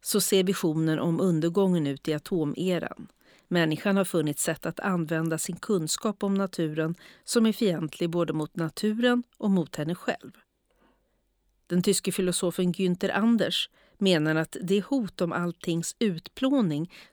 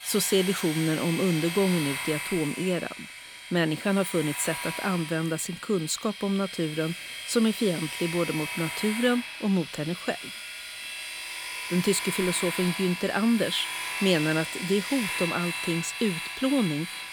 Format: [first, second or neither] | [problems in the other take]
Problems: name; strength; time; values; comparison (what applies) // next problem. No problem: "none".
first | household noises; loud; throughout; 5 dB below the speech